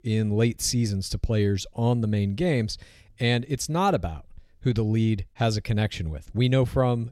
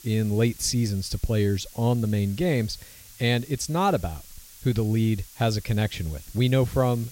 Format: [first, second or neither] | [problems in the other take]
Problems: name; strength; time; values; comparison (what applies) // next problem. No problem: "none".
first | hiss; noticeable; throughout; 20 dB below the speech